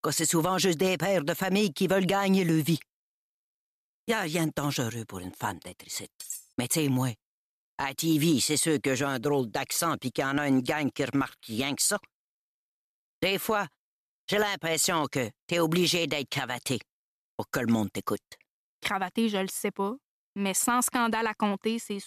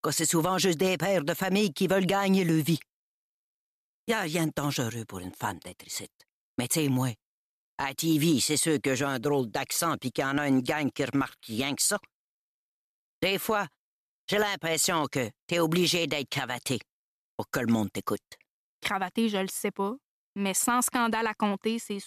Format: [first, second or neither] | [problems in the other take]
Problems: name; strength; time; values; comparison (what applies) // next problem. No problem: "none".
second | clattering dishes; faint; at 6 s; peak 10 dB below the speech